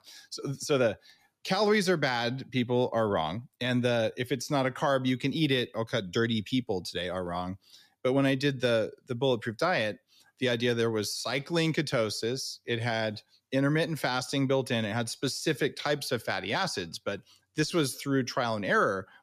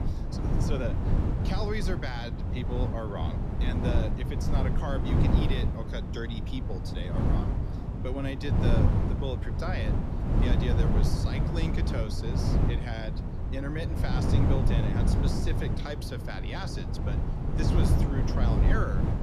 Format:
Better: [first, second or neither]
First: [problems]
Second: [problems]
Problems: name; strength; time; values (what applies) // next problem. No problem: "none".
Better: first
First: none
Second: wind noise on the microphone; heavy; as loud as the speech